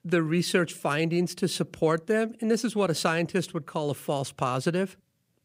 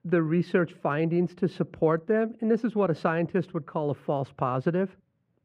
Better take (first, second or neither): first